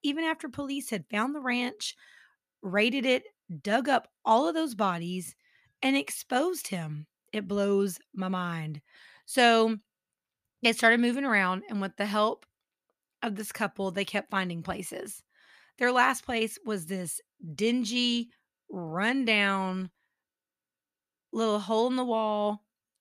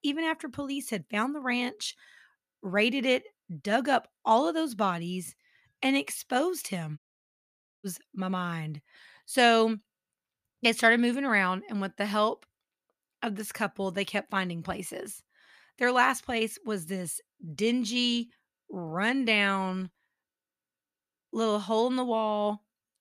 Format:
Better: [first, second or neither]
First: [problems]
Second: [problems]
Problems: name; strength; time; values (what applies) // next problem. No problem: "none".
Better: first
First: none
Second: audio cutting out; at 7 s for 1 s